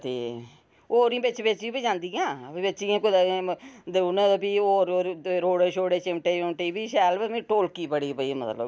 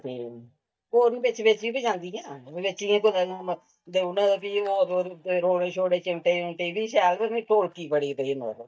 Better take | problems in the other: first | noise reduction (neural mask model DeepFilterNet 3)

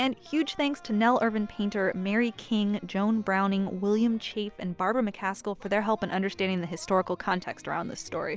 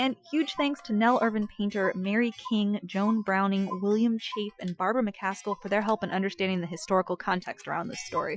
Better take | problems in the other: first | noise reduction (classical method Wiener filter)

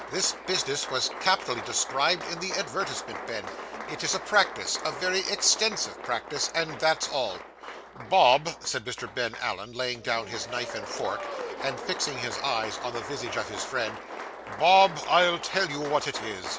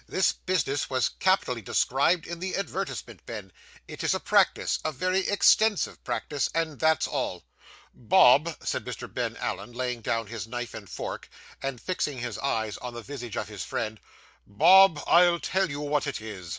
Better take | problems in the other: second | background sound (Applause); 10 dB below the speech

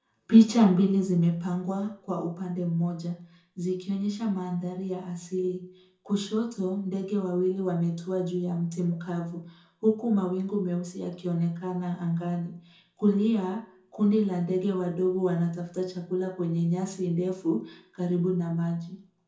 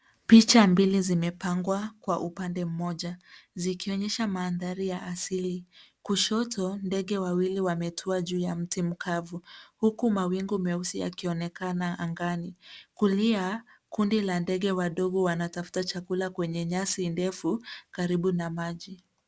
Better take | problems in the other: second | room echo; dies away in 0.5 s

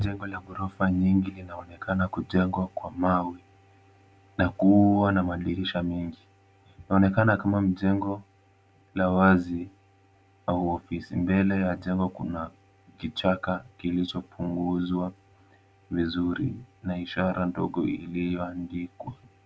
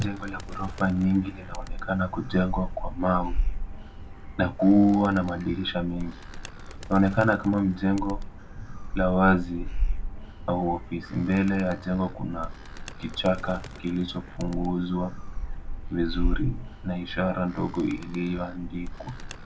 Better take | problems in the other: first | background sound (Animal); 6 dB below the speech // room echo; dies away in 0.2 s

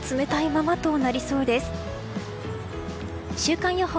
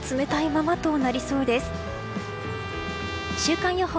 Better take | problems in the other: first | background sound (Trumpet); 12 dB below the speech

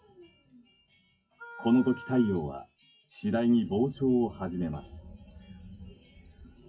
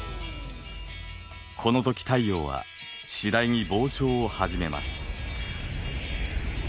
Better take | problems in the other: second | noise reduction (classical method WPE with log-MMSE)

